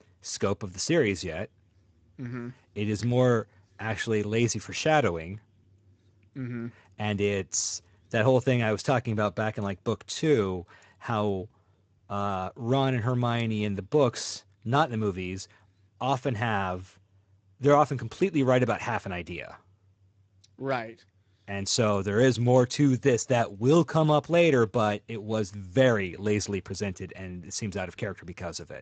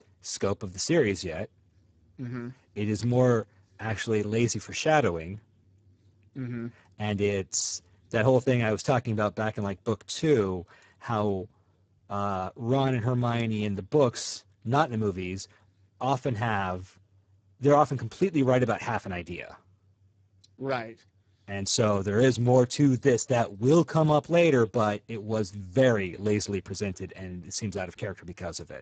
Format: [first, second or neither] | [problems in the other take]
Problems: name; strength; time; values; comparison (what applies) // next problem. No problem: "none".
first | garbled, watery; badly; nothing above 7.5 kHz; slightly in the first